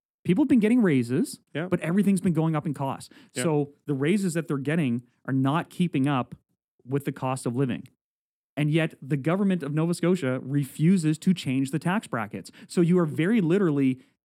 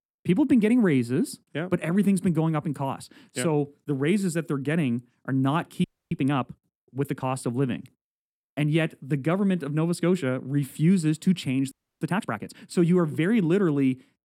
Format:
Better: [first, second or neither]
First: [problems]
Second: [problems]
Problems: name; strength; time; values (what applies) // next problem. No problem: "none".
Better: first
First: none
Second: audio freezing; at 6 s and at 12 s